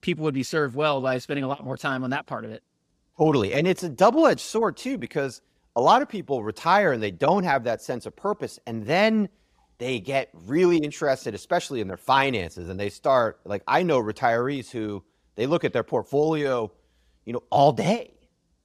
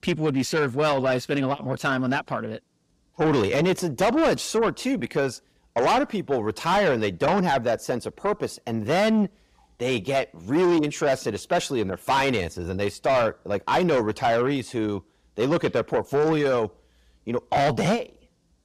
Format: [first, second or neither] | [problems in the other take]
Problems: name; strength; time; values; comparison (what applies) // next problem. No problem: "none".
first | distortion; heavy; 7 dB below the speech